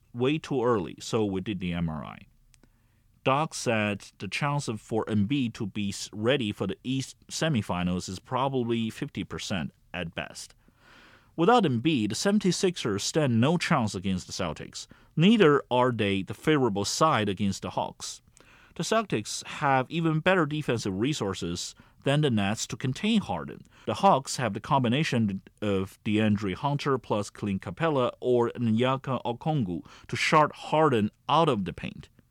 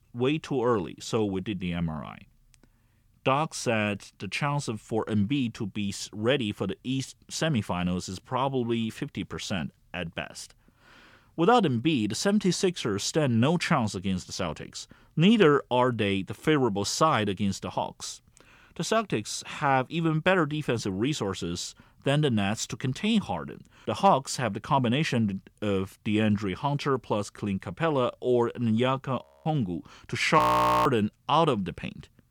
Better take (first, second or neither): first